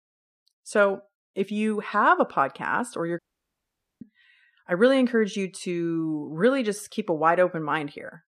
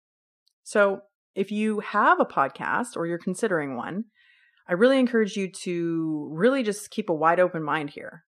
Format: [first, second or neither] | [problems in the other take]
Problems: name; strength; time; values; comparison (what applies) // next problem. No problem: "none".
second | audio cutting out; at 3 s for 1 s